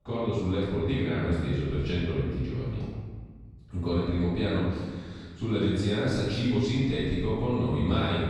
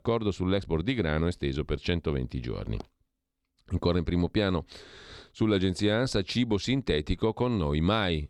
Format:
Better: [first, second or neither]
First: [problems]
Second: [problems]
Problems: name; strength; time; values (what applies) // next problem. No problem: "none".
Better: second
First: room echo; strong; dies away in 1.4 s // off-mic speech; far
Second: none